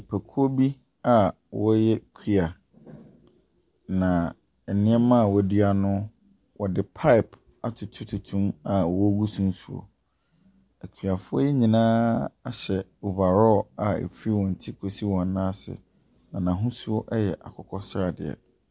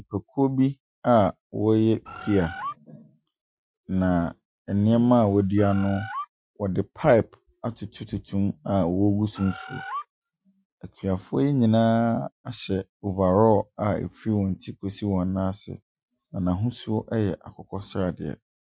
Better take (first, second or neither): first